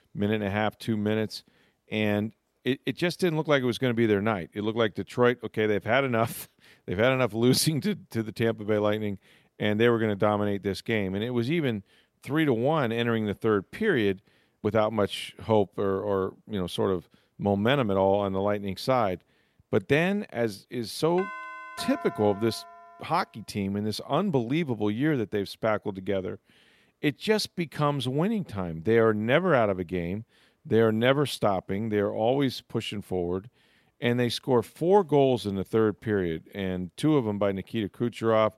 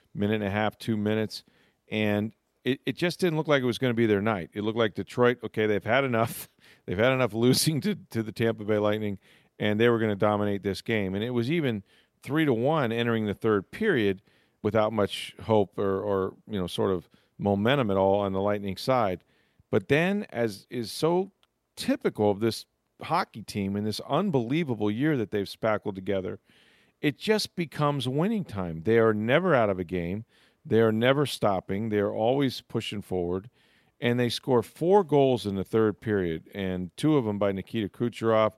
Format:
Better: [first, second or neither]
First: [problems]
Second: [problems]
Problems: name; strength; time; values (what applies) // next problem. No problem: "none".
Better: second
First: doorbell; faint; from 21 to 23 s; peak 10 dB below the speech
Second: none